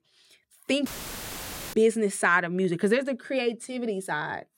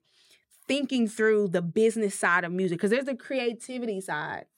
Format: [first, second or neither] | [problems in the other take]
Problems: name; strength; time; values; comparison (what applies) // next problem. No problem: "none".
second | audio cutting out; filled with static; at 1 s for 1 s